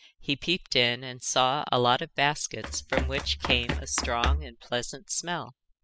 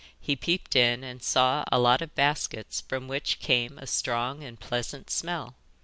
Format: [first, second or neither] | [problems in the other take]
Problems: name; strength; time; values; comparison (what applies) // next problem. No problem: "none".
second | noise reduction (classical method spectral subtraction)